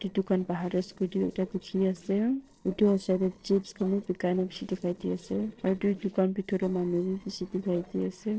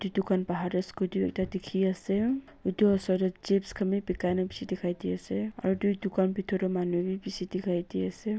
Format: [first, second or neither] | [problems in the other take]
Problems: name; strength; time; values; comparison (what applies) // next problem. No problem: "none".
second | noise reduction (neural separator model SepFormer DNS4)